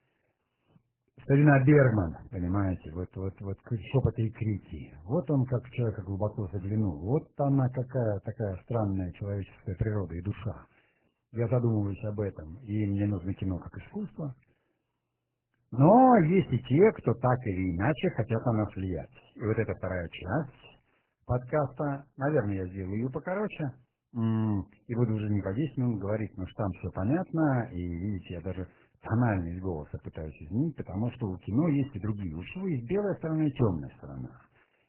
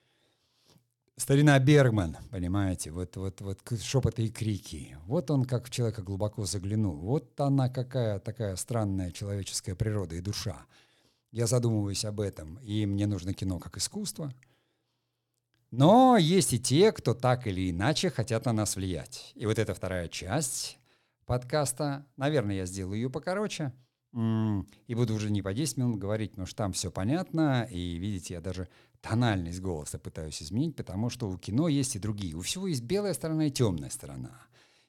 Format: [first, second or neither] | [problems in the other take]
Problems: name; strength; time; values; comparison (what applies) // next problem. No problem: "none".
second | garbled, watery; badly; nothing above 3 kHz